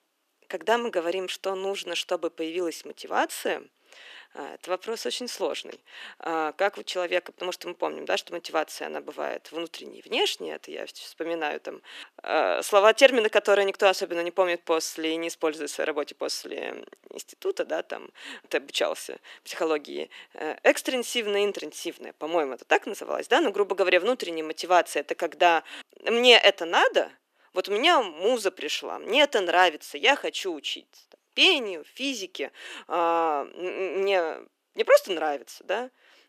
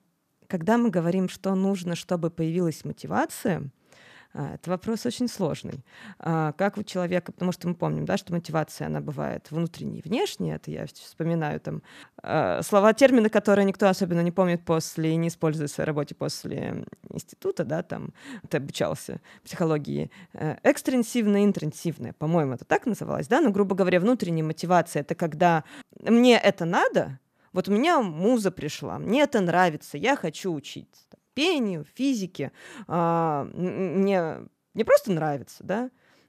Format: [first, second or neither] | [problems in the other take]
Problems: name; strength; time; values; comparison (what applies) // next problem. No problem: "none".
second | thin; very; fading below 350 Hz